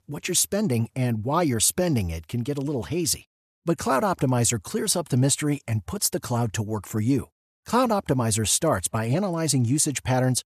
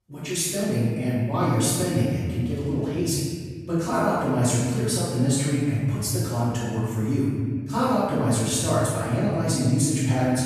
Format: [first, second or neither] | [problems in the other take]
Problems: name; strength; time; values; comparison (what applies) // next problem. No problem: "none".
first | off-mic speech; far // room echo; strong; dies away in 2 s